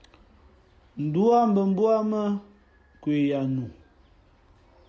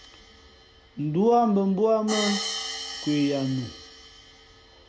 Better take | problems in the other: first | background sound (Hi-hat); 10 dB below the speech

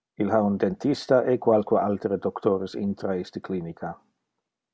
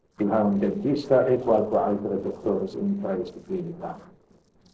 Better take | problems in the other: first | noise reduction (neural separator model SepFormer DNS4)

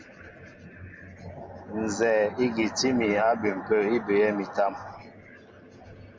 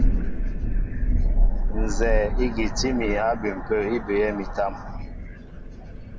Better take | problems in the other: first | background sound (Thunder); 4 dB above the speech

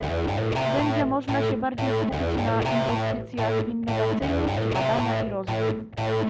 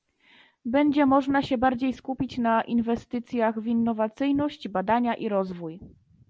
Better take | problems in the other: second | background sound (Electric guitar / Bass guitar); 5 dB above the speech

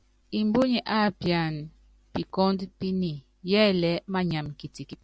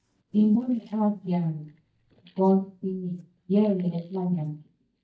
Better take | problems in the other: first | noise reduction (neural mask model DeepFilterNet 3)

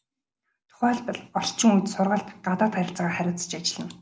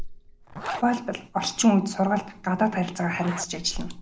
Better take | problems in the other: first | background sound (Liquid + Zipper (clothing)); 12 dB below the speech

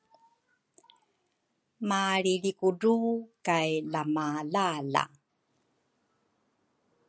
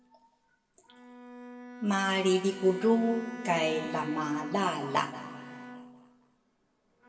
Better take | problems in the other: first | background sound (Bowed string instrument); 13 dB below the speech // room echo; dies away in 2 s

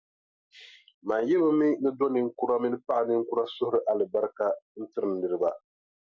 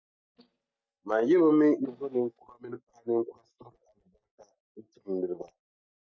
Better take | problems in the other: first | noise reduction (neural mask model DeepFilterNet 3)

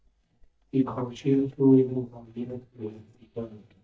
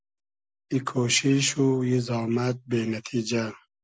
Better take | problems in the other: second | noise reduction (neural mask model DeepFilterNet 3)

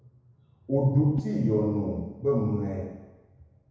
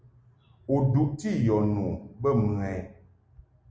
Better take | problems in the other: second | background sound (Whoosh, swoosh, swish); 20 dB below the speech // room echo; dies away in 1 s

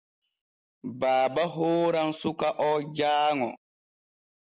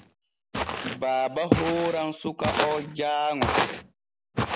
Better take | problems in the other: first | background sound (Walk, footsteps); as loud as the speech

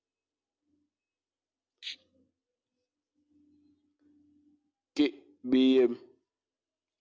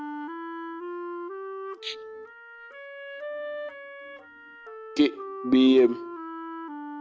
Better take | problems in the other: first | background sound (Wind instrument, woodwind instrument); 9 dB below the speech

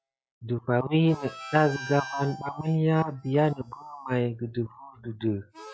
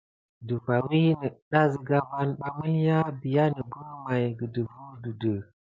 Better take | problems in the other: second | noise reduction (classical method log-MMSE)

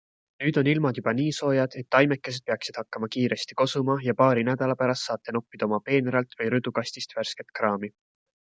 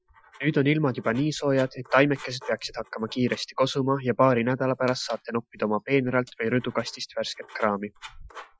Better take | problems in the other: first | noise reduction (classical method Wiener filter)

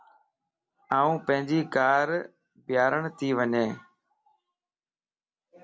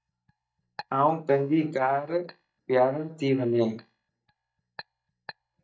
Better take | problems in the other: first | noise reduction (neural mask model DeepFilterNet 3)

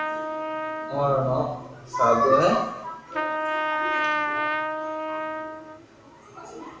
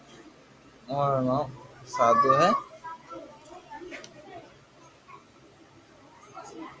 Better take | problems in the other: second | background sound (Trumpet); 3 dB below the speech // room echo; dies away in 0.8 s

